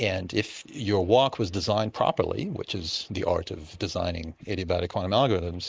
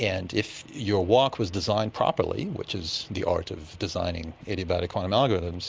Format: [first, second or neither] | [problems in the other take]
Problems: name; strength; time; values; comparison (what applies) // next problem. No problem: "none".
second | noise reduction (neural mask model Resemble Enhance denoiser)